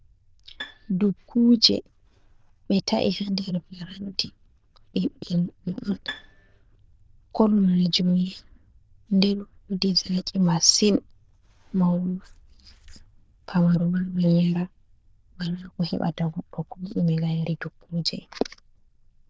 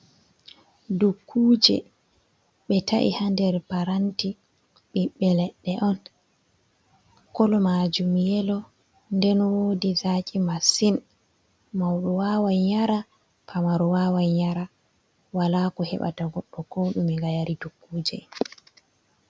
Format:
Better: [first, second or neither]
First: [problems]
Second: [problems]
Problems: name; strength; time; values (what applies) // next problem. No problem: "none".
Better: second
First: noise reduction (neural diffusion model UNIVERSE++)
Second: none